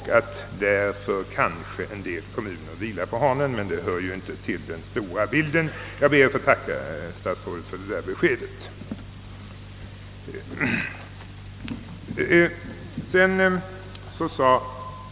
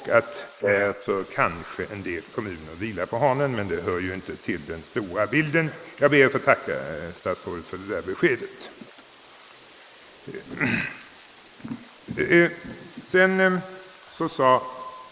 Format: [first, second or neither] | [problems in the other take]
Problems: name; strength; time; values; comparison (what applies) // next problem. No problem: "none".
first | noise reduction (neural mask model Resemble Enhance denoiser)